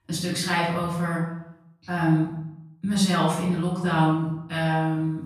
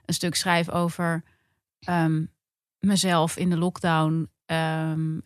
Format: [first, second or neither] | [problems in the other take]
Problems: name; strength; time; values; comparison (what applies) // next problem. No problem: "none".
second | room echo; noticeable; dies away in 0.7 s // off-mic speech; far